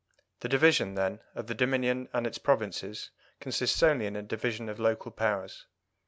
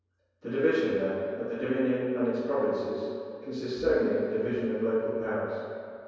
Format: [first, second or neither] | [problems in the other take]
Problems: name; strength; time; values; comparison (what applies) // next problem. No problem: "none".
first | room echo; dies away in 2.2 s